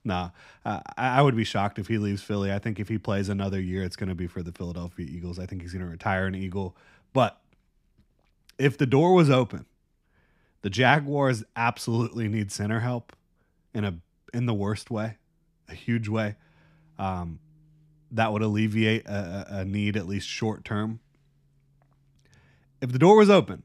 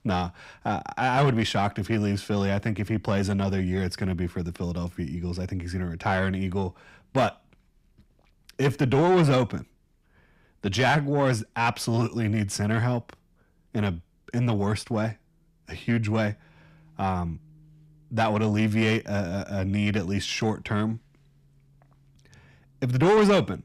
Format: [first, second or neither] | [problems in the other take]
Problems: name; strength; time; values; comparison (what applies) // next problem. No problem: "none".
first | distortion; heavy; 7 dB below the speech